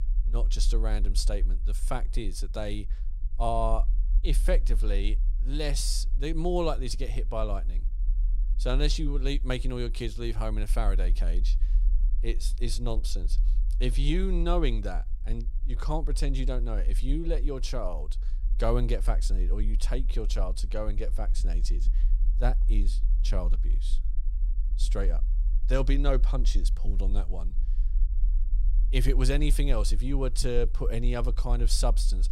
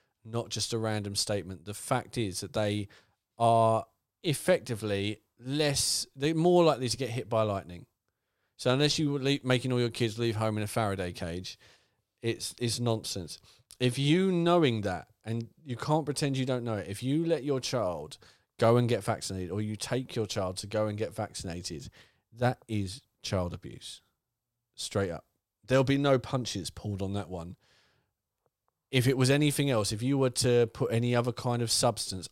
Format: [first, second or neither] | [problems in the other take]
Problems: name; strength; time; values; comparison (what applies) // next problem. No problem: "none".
second | low rumble; faint; throughout; 20 dB below the speech